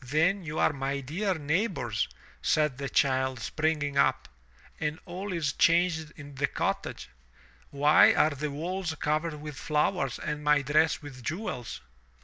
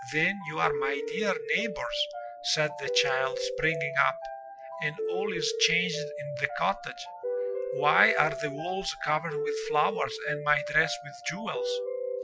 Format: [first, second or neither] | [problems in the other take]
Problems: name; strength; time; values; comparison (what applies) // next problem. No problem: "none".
first | noise reduction (classical method Wiener filter)